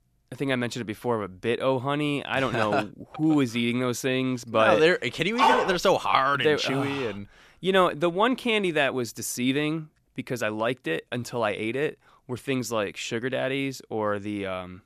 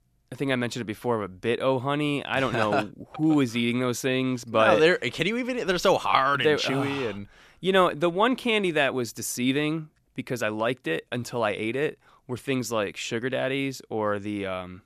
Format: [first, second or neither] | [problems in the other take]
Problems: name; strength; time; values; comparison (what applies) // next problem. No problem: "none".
second | dog barking; loud; at 5.5 s; peak 4 dB above the speech